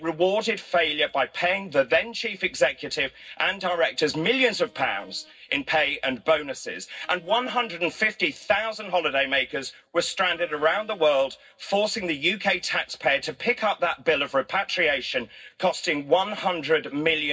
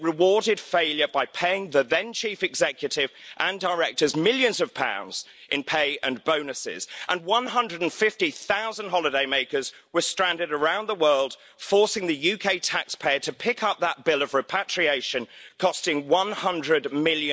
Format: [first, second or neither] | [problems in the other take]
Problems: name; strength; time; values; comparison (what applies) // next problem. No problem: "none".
second | noise reduction (neural separator model SepFormer DNS4)